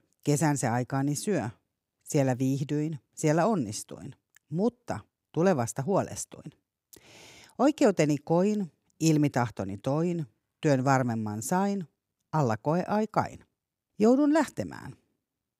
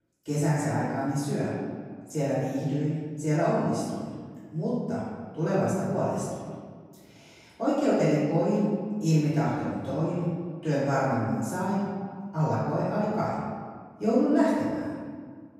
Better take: first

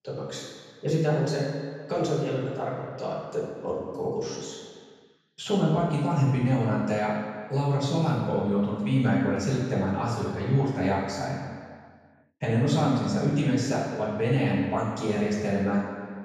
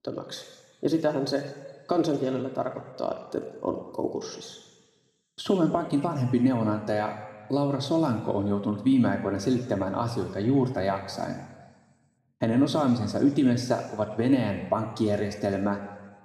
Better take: second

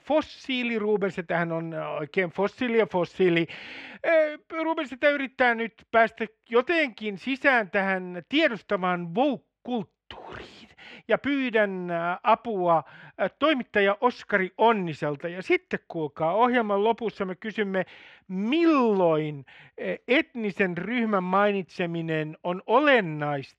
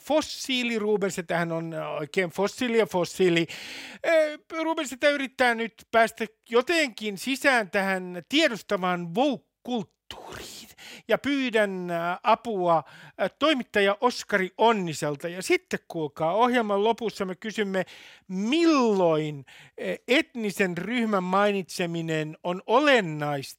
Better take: second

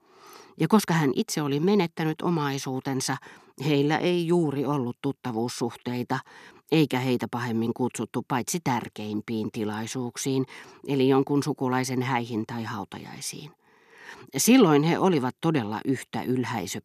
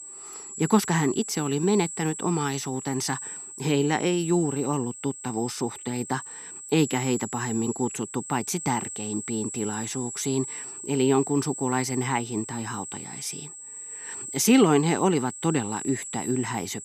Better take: first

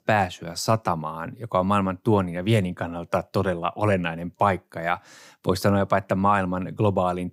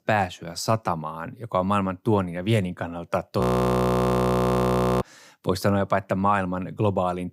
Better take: first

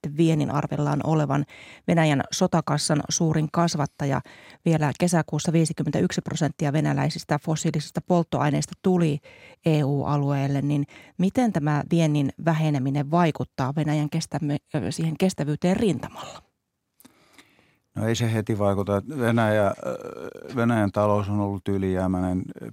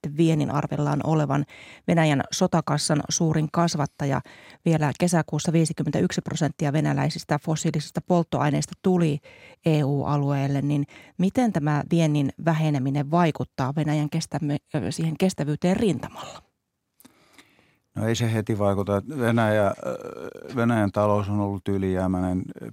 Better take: neither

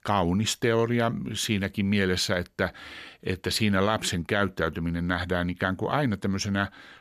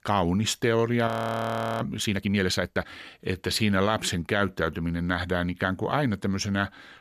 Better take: first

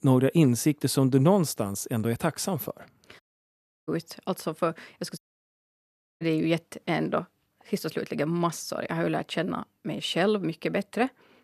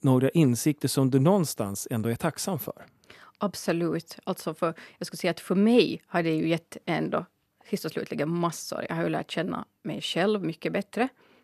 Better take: second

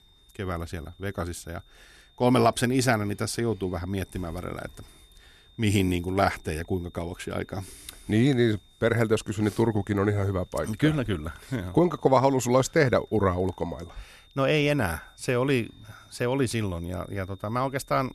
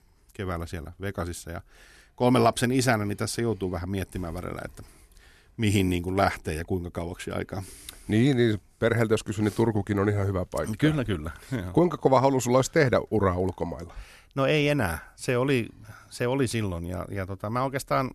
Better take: second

